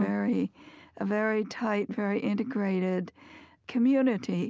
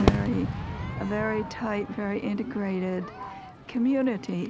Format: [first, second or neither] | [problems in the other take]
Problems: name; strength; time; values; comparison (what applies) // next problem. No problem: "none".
first | background sound (Crowd / Fireworks); 3 dB below the speech